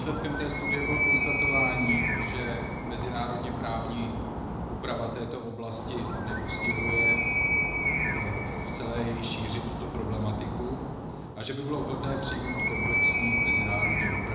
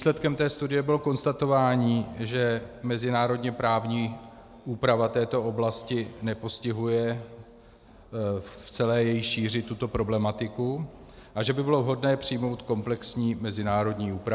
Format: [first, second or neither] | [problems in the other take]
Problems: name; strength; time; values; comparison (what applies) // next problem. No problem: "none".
second | background sound (Animal); 5 dB above the speech // room echo; dies away in 0.9 s